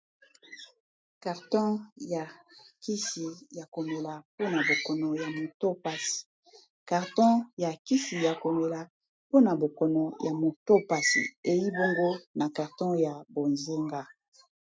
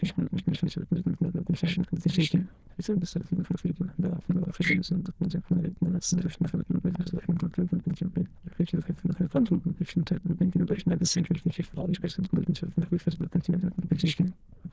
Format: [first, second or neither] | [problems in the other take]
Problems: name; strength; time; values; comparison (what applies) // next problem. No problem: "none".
first | noise reduction (neural diffusion model UNIVERSE++)